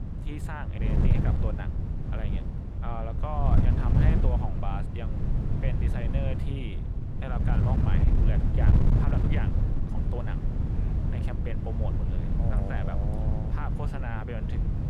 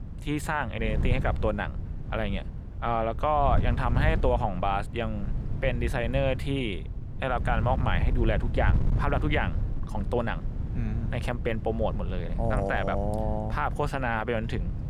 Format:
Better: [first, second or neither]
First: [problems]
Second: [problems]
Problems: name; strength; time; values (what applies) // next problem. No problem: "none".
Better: second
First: wind noise on the microphone; heavy; as loud as the speech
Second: wind noise on the microphone; occasional gusts; 15 dB below the speech